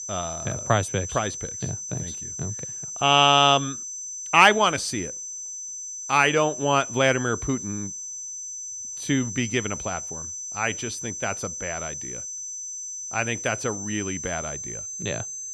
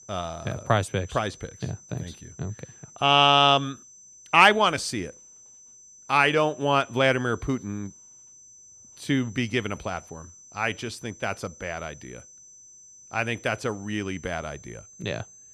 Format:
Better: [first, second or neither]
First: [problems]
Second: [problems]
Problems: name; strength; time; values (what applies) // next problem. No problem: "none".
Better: second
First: high-pitched whine; loud; throughout; 6 kHz, 9 dB below the speech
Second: high-pitched whine; faint; throughout; 6 kHz, 25 dB below the speech